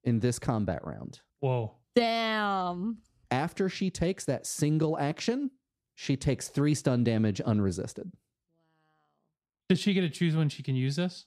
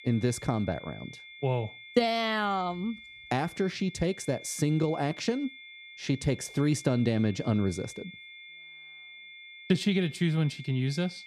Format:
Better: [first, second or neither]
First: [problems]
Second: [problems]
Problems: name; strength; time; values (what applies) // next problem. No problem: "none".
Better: first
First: none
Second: high-pitched whine; noticeable; throughout; 2 kHz, 15 dB below the speech